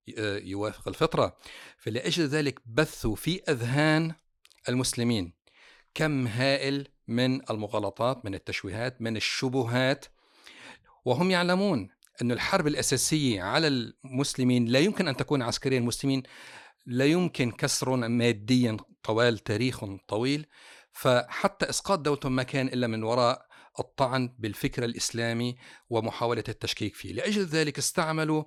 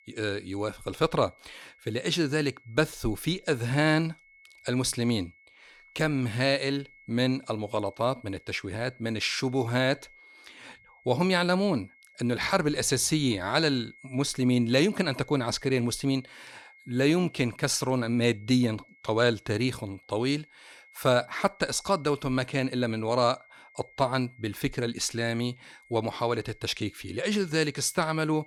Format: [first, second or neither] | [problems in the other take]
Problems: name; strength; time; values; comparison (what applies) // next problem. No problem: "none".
first | high-pitched whine; faint; throughout; 2 kHz, 25 dB below the speech